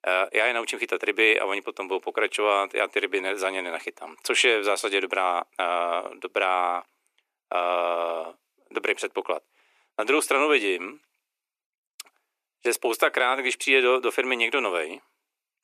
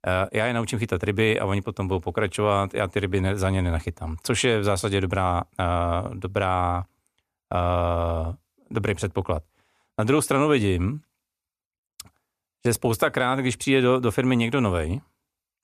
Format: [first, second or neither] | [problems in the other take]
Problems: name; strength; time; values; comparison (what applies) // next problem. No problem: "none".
second | thin; very; fading below 350 Hz